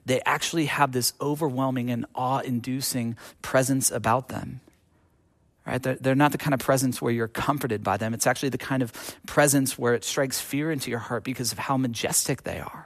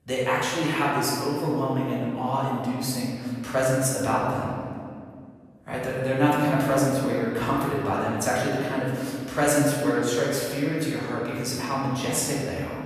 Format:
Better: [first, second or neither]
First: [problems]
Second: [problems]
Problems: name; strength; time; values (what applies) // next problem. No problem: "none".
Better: first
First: none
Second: room echo; noticeable; dies away in 2 s // off-mic speech; far